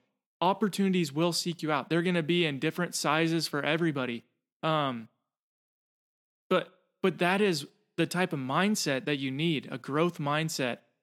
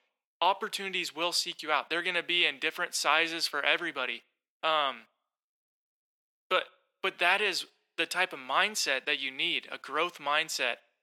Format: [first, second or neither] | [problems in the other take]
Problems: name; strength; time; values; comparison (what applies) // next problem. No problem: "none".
first | thin; very; fading below 650 Hz